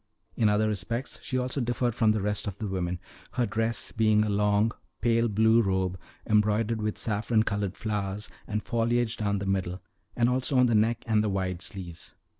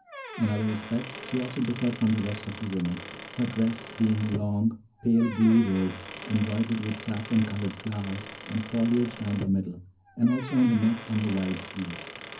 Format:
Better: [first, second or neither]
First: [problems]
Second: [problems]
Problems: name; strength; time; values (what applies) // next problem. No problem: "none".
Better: first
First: none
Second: background sound (Squeak / Wood); 14 dB below the speech // room echo; dies away in 0.4 s